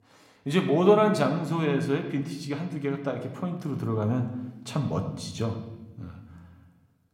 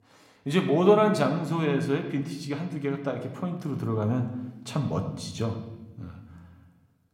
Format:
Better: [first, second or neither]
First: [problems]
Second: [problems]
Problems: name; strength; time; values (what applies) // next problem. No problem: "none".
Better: neither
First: room echo; slight; dies away in 1 s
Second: room echo; slight; dies away in 1 s